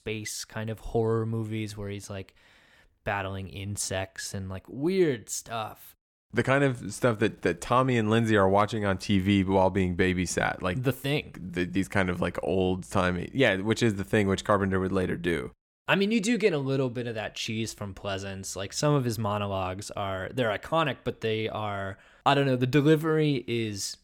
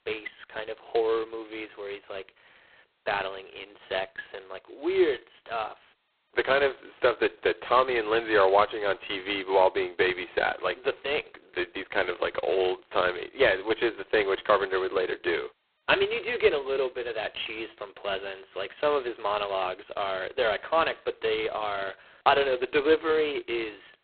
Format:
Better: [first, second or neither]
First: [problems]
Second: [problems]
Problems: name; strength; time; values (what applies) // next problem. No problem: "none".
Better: first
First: none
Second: phone-call audio; poor line; nothing above 4 kHz